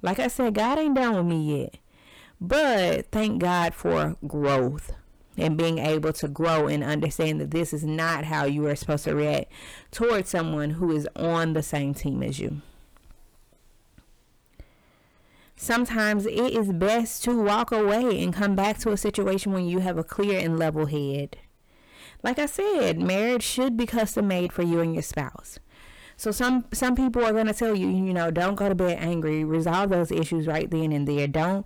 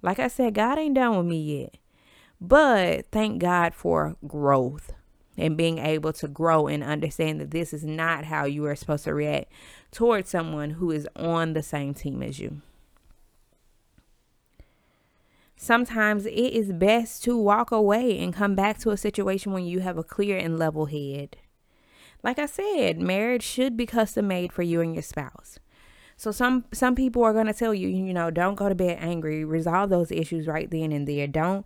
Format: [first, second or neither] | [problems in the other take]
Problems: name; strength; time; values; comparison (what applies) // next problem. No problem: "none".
second | distortion; heavy; 7 dB below the speech